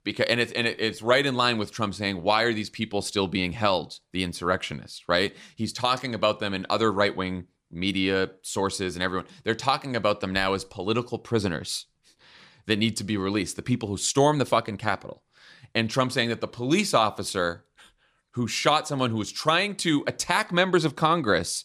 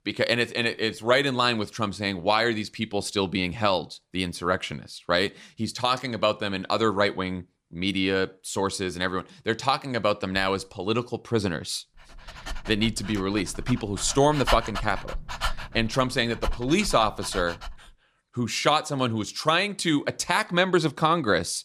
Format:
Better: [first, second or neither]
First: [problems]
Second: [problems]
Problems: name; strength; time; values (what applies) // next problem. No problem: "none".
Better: first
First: none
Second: dog barking; noticeable; from 12 to 18 s; peak 2 dB below the speech